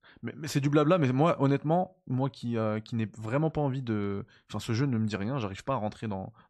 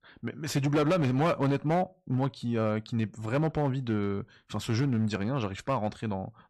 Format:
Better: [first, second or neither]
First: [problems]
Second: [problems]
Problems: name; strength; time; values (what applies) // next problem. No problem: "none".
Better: first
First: none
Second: distortion; slight; 7% of the sound clipped